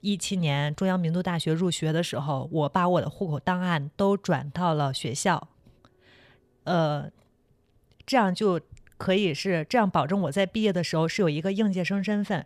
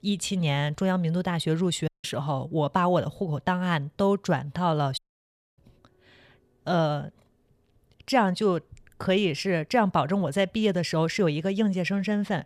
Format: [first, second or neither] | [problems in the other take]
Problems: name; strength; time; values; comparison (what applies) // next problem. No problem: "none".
first | audio cutting out; at 2 s and at 5 s for 0.5 s